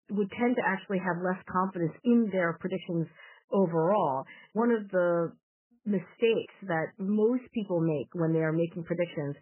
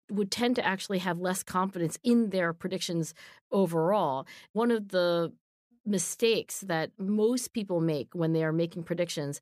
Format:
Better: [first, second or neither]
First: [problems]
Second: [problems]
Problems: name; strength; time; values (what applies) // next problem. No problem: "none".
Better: second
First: garbled, watery; badly; nothing above 3 kHz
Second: none